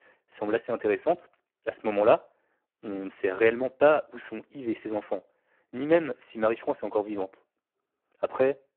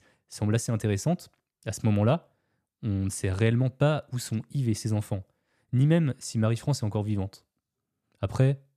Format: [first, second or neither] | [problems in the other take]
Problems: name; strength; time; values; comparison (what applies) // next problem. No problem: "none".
second | phone-call audio; poor line